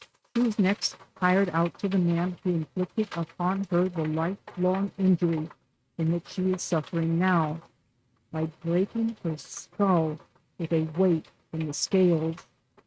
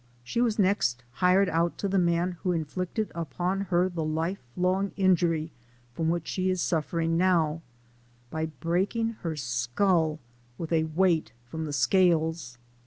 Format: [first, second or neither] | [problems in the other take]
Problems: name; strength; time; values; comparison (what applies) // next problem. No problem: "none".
second | noise reduction (neural mask model RNNoise)